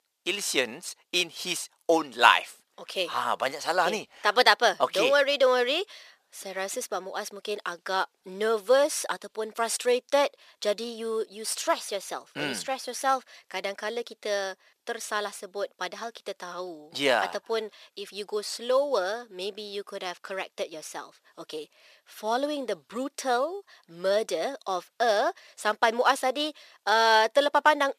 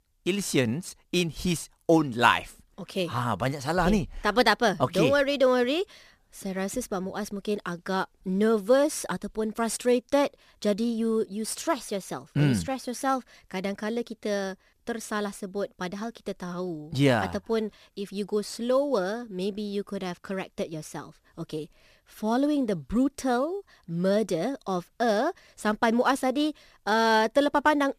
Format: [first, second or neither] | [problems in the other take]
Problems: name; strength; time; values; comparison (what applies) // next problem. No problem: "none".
second | thin; somewhat; fading below 600 Hz